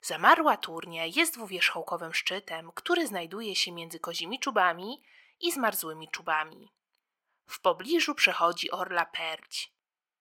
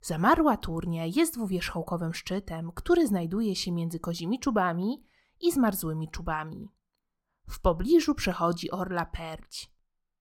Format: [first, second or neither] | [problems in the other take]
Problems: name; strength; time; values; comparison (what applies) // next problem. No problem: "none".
second | thin; very; fading below 500 Hz